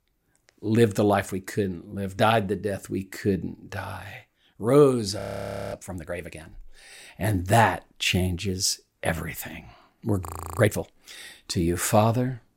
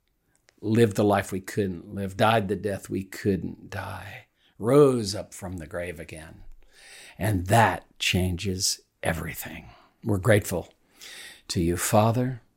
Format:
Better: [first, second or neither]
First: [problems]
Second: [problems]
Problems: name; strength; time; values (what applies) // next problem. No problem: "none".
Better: second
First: audio freezing; at 5 s for 0.5 s and at 10 s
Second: none